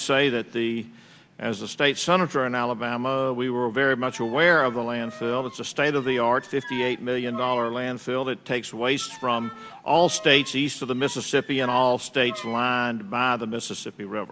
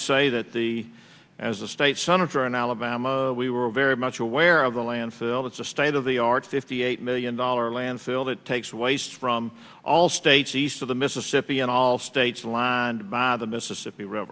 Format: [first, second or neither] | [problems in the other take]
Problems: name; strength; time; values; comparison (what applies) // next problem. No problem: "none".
second | background sound (Bowed string instrument); 16 dB below the speech